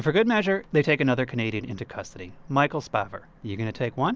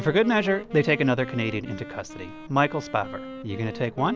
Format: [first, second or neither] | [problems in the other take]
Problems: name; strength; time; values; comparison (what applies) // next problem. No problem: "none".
first | background sound (Wind instrument, woodwind instrument); 13 dB below the speech